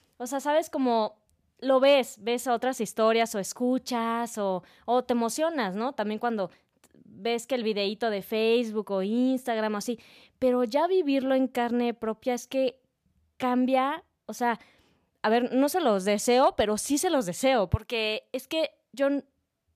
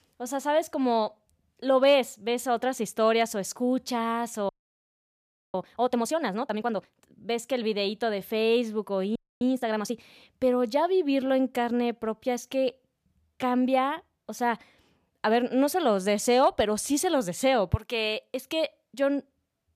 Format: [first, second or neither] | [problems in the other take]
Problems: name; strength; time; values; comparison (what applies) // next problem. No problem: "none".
first | audio freezing; at 4.5 s for 1 s and at 9 s